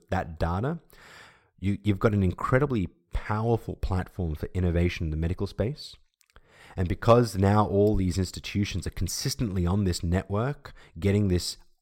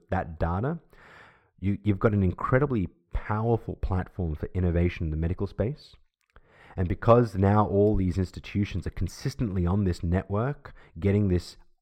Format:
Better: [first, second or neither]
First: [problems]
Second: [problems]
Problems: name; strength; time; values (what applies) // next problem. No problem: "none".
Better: first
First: none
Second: muffled; slightly; fading above 3.5 kHz